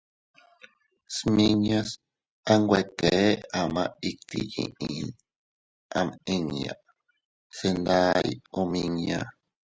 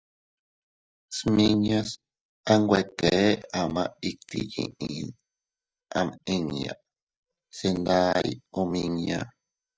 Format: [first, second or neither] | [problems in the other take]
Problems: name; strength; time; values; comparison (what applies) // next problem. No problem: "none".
first | noise reduction (neural mask model DeepFilterNet 3)